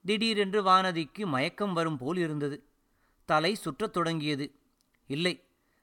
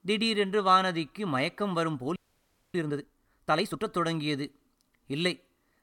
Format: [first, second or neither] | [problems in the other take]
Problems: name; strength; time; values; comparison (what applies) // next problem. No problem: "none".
first | audio freezing; at 2 s for 0.5 s